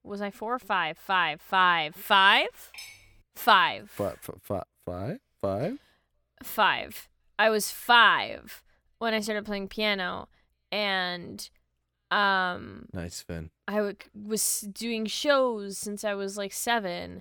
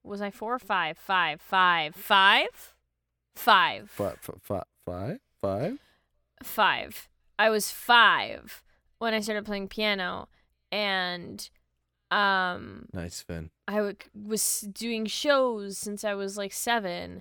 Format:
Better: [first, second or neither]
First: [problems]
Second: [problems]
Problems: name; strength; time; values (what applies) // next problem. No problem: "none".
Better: second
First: clattering dishes; faint; at 2.5 s; peak 15 dB below the speech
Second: none